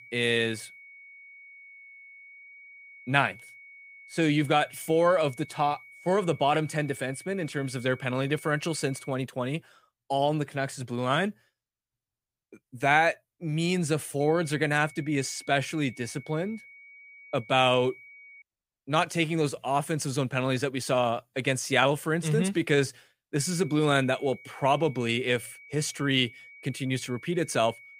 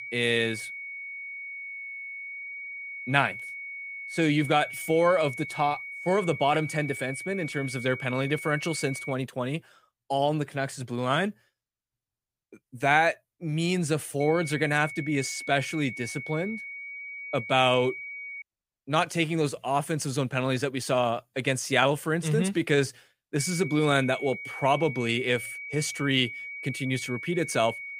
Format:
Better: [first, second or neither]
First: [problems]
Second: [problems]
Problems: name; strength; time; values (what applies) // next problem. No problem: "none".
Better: first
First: high-pitched whine; faint; until 9 s, from 14 to 18 s and from 23 s on; 2 kHz, 20 dB below the speech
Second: high-pitched whine; loud; until 9 s, from 14 to 18 s and from 23 s on; 2 kHz, 9 dB below the speech